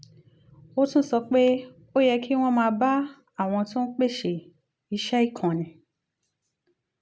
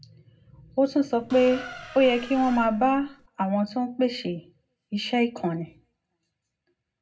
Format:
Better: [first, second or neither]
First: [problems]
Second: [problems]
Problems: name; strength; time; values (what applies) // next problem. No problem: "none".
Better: first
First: none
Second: background sound (Squeak); 15 dB below the speech // room echo; dies away in 0.3 s